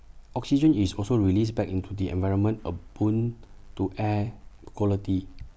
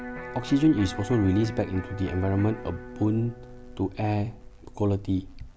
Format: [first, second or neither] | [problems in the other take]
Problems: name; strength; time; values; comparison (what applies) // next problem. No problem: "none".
first | background sound (Electric guitar); 14 dB below the speech